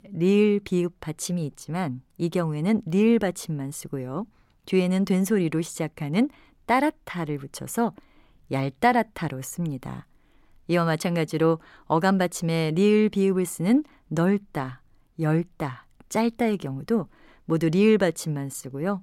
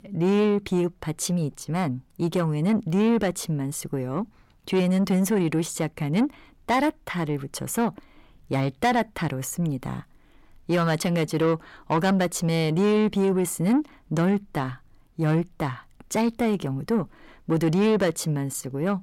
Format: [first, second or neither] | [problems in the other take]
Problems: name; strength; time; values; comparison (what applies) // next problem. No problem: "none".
first | distortion; slight; 10 dB below the speech